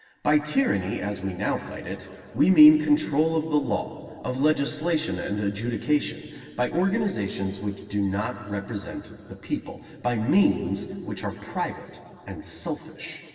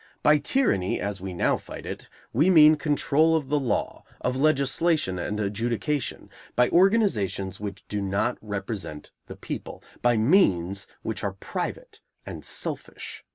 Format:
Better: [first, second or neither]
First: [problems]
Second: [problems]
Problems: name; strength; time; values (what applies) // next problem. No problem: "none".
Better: second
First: room echo; dies away in 2.4 s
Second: none